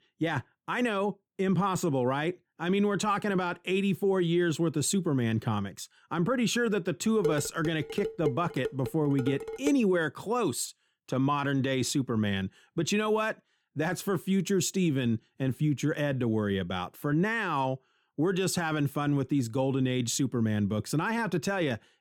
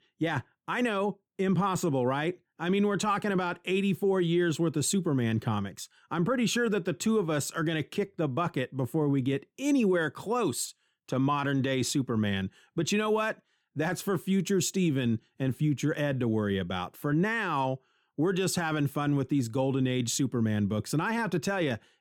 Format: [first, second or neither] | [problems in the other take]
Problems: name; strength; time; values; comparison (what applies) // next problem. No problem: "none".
second | clattering dishes; noticeable; from 7 to 9.5 s; peak 4 dB below the speech